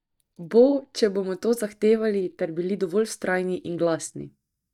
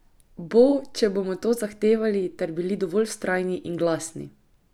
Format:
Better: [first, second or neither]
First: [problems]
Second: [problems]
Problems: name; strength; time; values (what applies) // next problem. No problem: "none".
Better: second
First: noise reduction (neural mask model DeepFilterNet 3)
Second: none